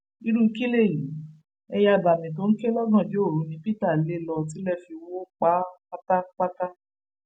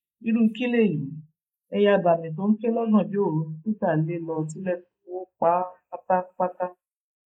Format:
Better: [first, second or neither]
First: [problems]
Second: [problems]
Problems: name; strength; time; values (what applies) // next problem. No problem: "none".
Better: first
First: none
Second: noise reduction (neural mask model Resemble Enhance denoiser)